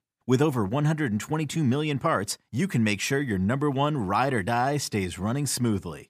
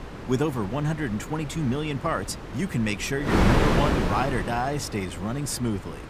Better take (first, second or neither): first